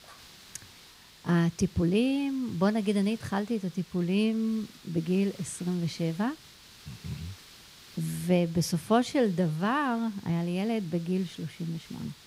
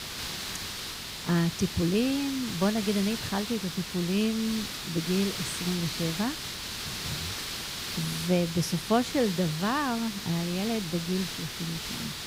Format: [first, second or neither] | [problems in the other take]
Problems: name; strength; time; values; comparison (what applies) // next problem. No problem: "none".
first | hiss; loud; throughout; 5 dB below the speech; faint in the first